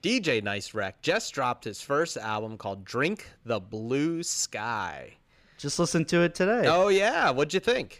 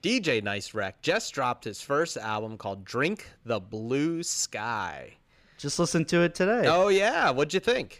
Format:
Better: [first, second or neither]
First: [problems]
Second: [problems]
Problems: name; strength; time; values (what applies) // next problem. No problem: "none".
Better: neither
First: none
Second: none